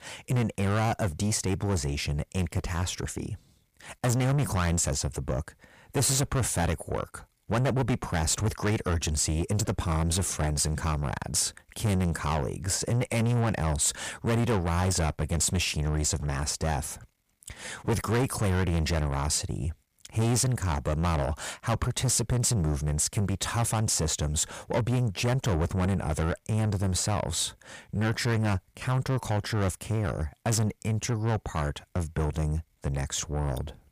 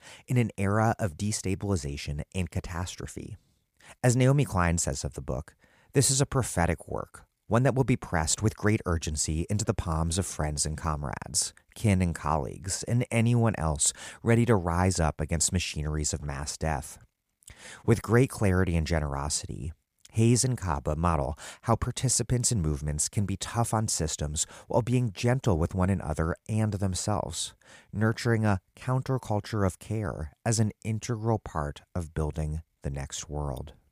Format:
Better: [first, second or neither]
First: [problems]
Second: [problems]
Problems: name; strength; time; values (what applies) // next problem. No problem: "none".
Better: second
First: distortion; heavy; 7 dB below the speech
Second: none